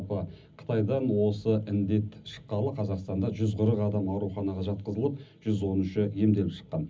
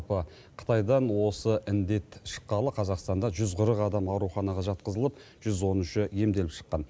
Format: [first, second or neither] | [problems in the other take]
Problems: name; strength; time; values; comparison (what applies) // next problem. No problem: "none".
second | room echo; dies away in 0.4 s